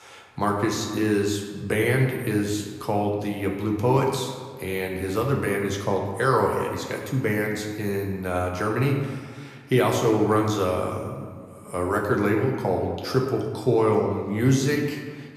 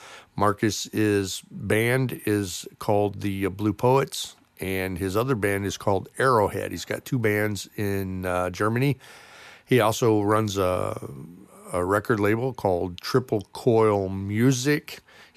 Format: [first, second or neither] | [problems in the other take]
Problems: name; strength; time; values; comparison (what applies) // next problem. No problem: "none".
second | room echo; noticeable; dies away in 1.2 s // off-mic speech; somewhat distant